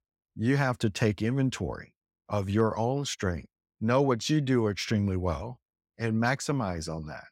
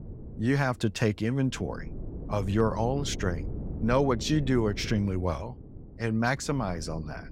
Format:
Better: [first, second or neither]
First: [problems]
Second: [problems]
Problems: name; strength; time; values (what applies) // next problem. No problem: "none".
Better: first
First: none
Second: wind noise on the microphone; occasional gusts; 15 dB below the speech